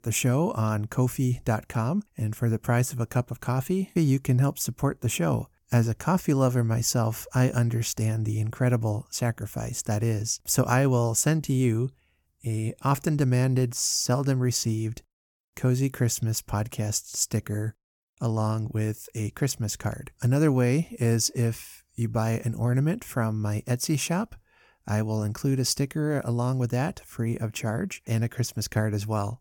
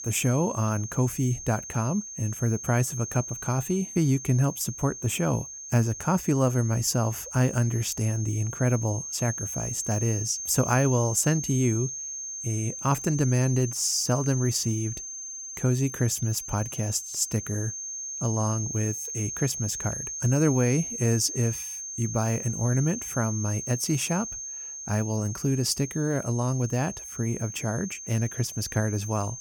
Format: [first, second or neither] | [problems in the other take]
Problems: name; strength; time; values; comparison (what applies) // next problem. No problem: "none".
first | high-pitched whine; loud; throughout; 6.5 kHz, 7 dB below the speech